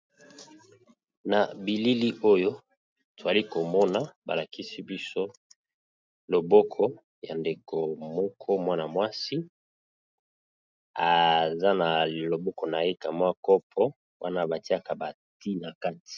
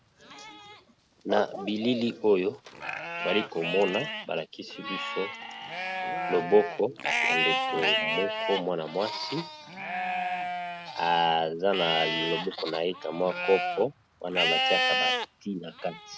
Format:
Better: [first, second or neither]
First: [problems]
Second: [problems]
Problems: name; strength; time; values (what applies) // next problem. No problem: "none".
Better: first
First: none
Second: background sound (Livestock, farm animals, working animals); 2 dB below the speech